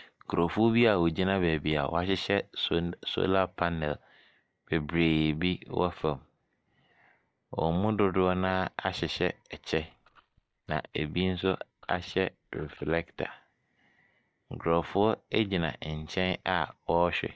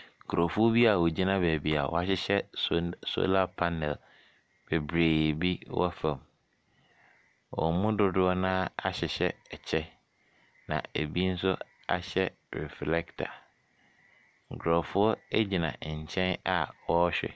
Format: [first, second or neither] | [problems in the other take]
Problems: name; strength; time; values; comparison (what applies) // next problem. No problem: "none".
second | noise reduction (neural mask model DeepFilterNet 3)